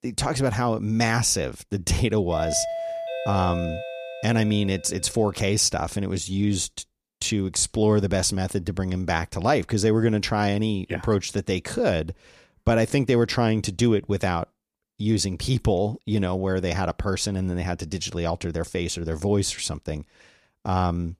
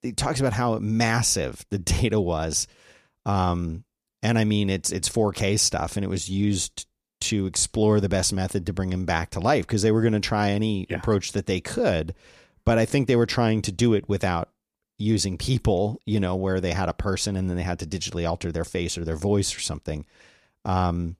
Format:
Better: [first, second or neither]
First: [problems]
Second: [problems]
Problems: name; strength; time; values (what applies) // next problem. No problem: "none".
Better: second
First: doorbell; noticeable; from 2.5 to 5 s; peak 4 dB below the speech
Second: none